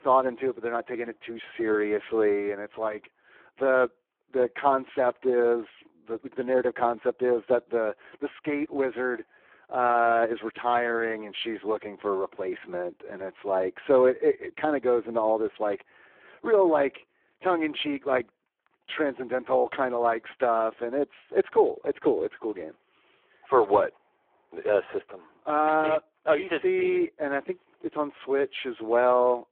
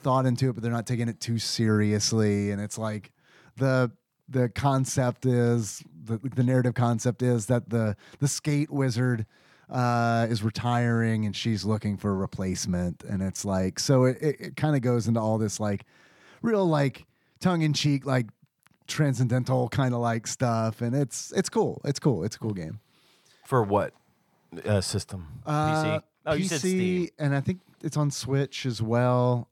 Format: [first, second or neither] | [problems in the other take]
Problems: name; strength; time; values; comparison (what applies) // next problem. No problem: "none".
second | phone-call audio; poor line